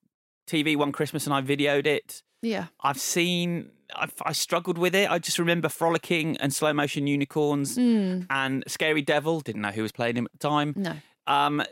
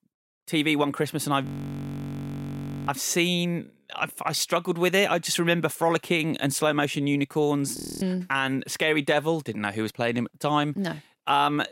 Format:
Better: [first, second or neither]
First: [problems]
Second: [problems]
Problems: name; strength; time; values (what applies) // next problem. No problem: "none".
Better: first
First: none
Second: audio freezing; at 1.5 s for 1.5 s and at 8 s